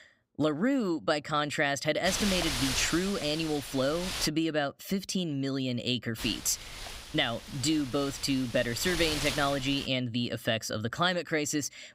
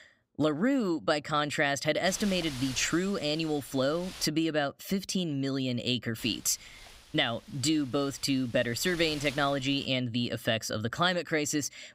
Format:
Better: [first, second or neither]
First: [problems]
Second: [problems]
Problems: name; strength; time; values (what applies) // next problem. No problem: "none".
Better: second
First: wind noise on the microphone; heavy; from 2 to 4.5 s and from 6 to 10 s; 6 dB below the speech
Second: wind noise on the microphone; occasional gusts; from 2 to 4.5 s and from 6 to 10 s; 15 dB below the speech